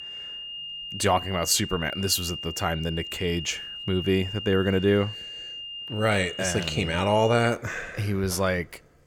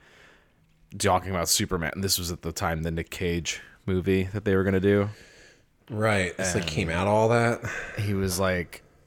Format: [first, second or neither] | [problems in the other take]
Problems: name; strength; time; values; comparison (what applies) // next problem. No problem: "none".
second | high-pitched whine; loud; until 7.5 s; 3 kHz, 9 dB below the speech